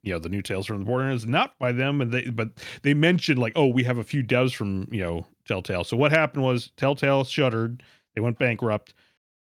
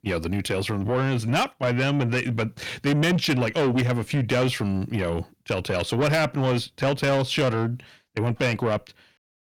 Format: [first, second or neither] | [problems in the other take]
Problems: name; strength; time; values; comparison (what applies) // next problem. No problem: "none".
first | distortion; heavy; 7 dB below the speech